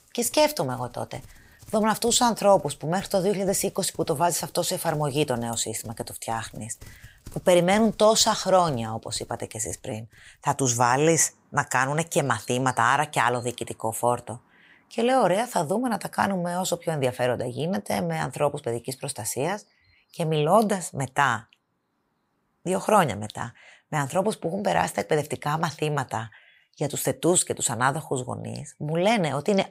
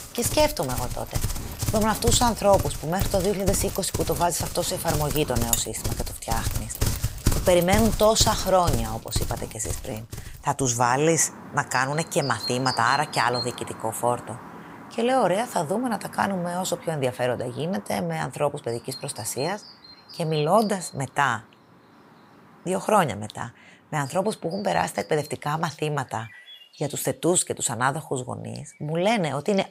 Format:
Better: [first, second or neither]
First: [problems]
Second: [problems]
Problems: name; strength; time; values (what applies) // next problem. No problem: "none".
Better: first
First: animal sounds; faint; throughout; 30 dB below the speech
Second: animal sounds; loud; throughout; 7 dB below the speech